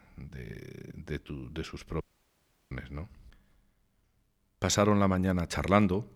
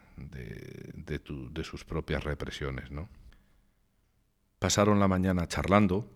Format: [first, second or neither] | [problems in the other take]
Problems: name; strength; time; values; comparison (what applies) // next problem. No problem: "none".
second | audio cutting out; at 2 s for 0.5 s